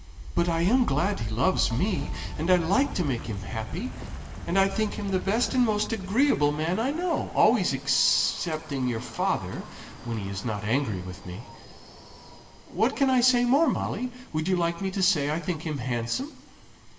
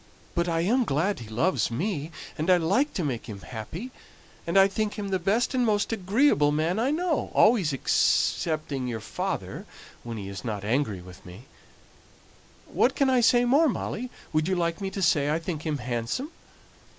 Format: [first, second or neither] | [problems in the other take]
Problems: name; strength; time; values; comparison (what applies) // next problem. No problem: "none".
second | background sound (Wind); 11 dB below the speech // room echo; dies away in 0.9 s